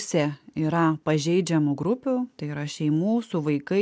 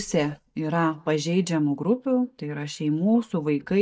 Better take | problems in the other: first | noise reduction (neural mask model DeepFilterNet 3)

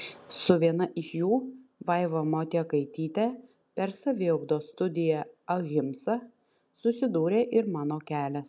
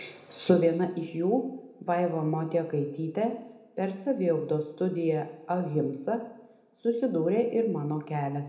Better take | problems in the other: first | room echo; dies away in 0.7 s

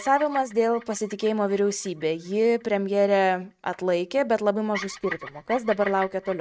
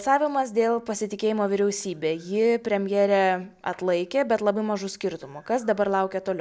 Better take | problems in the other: second | noise reduction (neural mask model RNNoise)

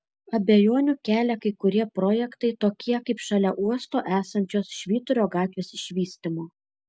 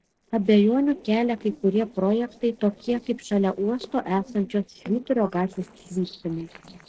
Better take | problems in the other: first | noise reduction (neural separator model SepFormer DNS4)

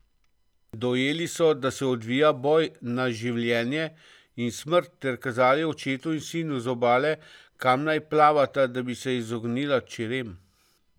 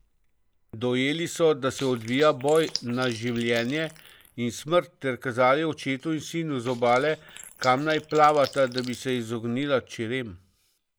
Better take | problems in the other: first | noise reduction (neural mask model Resemble Enhance denoiser)

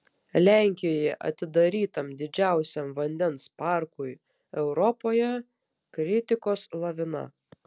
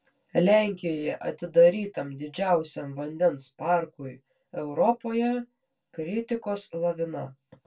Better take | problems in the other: first | room echo; dies away in 0.1 s

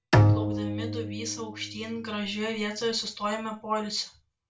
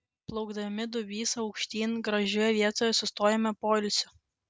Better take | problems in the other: second | background sound (Bowed string instrument); 5 dB above the speech // room echo; dies away in 0.3 s

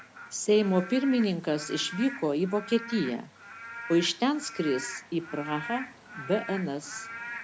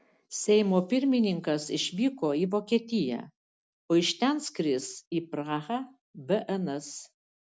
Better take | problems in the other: second | background sound (Rain / Frog); 13 dB below the speech

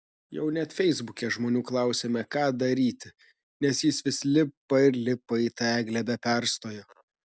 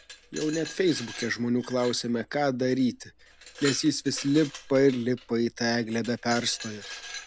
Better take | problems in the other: first | background sound (Glass); 15 dB below the speech

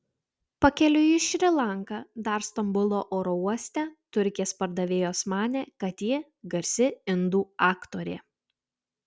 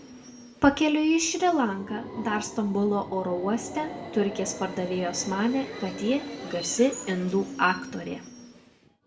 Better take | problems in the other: first | background sound (Subway, metro, underground); 12 dB below the speech // room echo; dies away in 0.4 s

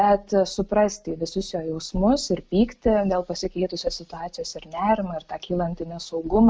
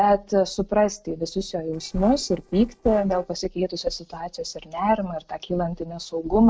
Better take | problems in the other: first | noise reduction (neural separator model SepFormer DNS4)

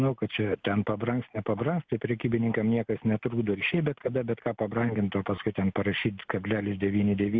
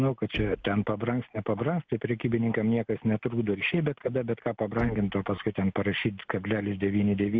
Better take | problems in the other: first | background sound (Knock); 19 dB below the speech

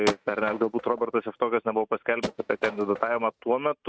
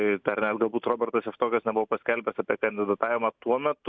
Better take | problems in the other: second | noise reduction (neural mask model RNNoise)

